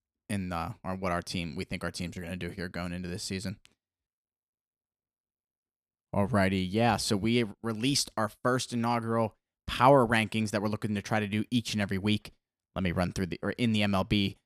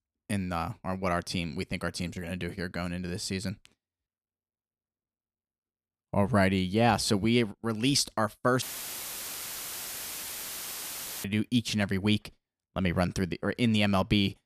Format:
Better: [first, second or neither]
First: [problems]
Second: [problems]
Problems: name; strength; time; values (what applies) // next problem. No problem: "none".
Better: first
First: none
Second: audio cutting out; filled with static; at 8.5 s for 2.5 s